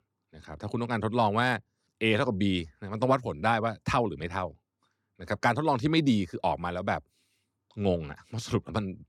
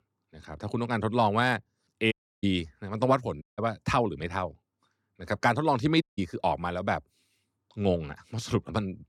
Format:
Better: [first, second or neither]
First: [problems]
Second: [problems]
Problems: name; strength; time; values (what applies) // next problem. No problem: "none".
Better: first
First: none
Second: audio cutting out; at 2 s, at 3.5 s and at 6 s